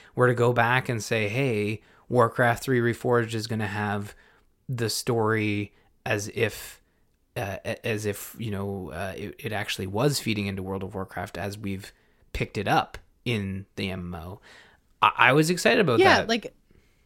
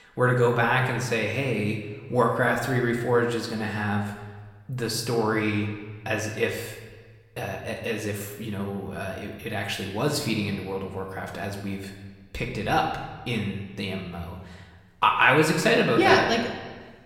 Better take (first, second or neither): first